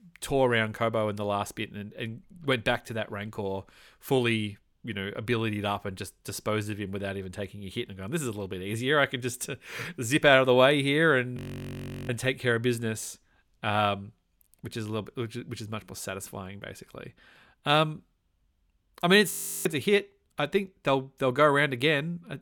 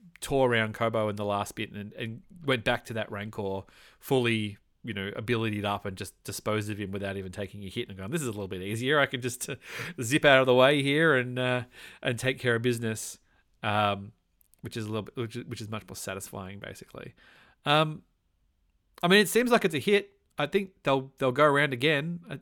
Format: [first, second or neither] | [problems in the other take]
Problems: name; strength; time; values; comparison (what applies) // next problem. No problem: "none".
second | audio freezing; at 11 s for 0.5 s and at 19 s